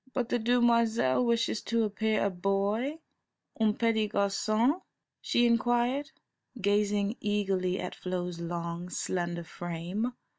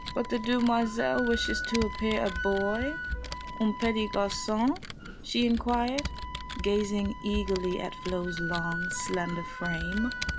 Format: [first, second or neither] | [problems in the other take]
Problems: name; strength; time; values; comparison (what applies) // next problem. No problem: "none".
first | background sound (Computer keyboard + Wind instrument, woodwind instrument); 6 dB below the speech